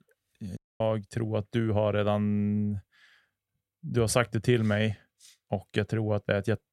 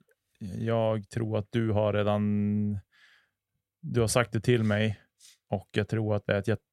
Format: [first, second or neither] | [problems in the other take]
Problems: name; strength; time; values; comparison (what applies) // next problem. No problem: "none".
second | audio cutting out; at 0.5 s